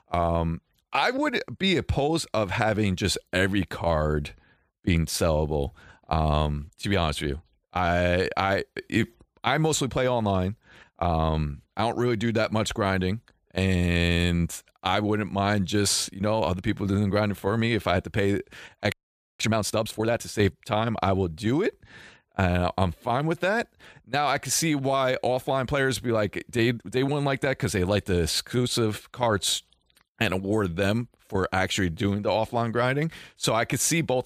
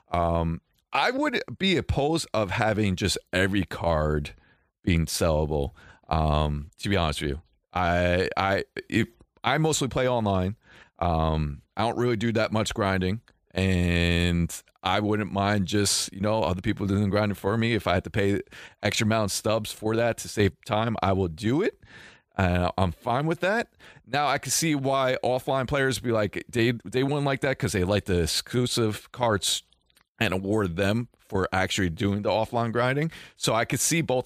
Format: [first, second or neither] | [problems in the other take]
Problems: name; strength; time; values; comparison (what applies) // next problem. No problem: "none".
second | audio freezing; at 19 s